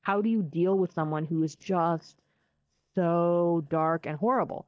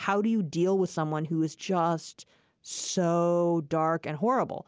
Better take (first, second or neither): second